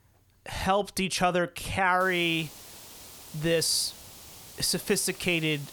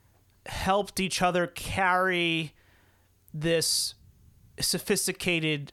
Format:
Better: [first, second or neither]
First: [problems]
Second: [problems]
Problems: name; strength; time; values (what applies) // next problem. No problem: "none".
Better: second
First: hiss; noticeable; from 2 s on; 20 dB below the speech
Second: none